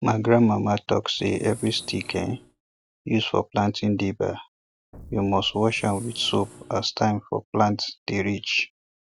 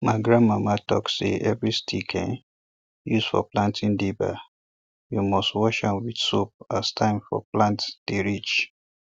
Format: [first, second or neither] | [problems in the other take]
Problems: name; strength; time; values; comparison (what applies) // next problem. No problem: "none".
second | background sound (Engine + Explosion); 20 dB below the speech